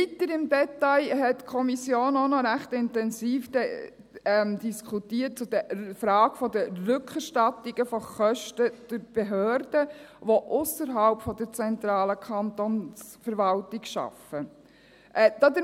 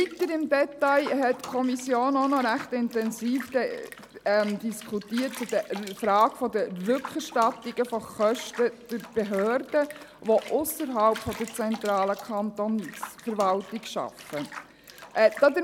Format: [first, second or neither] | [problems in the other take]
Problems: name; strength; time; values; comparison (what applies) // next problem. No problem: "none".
first | background sound (Bathtub (filling or washing) / Water); 18 dB below the speech